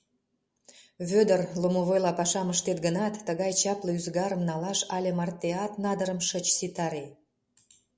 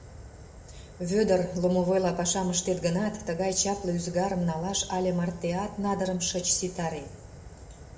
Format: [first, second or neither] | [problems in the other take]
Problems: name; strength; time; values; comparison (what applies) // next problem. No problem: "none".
first | background sound (Fire); 17 dB below the speech // room echo; dies away in 1.1 s